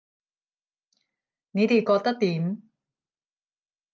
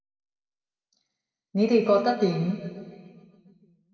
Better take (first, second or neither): first